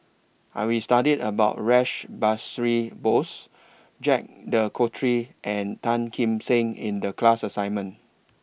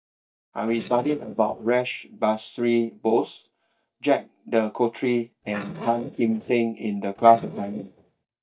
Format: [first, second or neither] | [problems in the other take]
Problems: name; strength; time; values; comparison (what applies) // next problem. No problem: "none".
first | noise reduction (neural mask model DeepFilterNet 3)